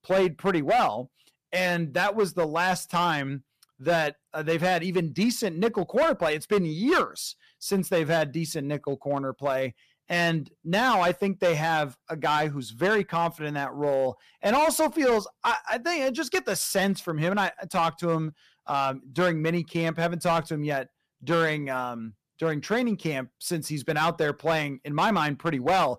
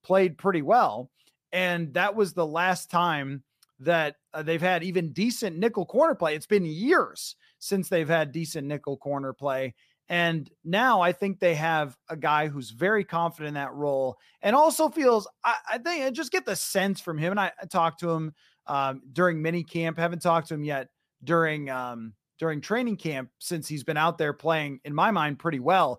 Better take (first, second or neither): second